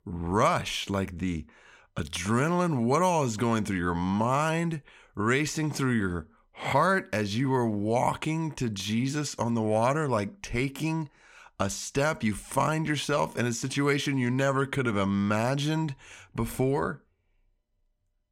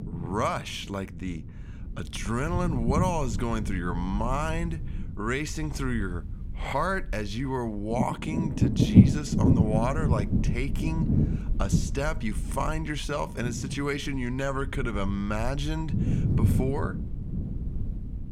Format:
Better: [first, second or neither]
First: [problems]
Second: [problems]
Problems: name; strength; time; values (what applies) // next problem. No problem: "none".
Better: first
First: none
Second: wind noise on the microphone; heavy; 4 dB below the speech